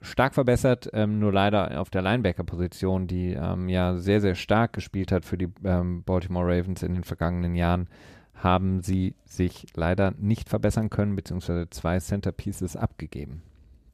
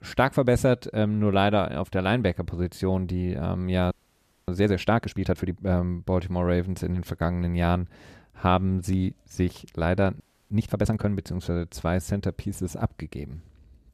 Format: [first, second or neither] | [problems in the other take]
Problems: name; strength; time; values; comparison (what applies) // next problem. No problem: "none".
first | audio freezing; at 4 s for 0.5 s and at 10 s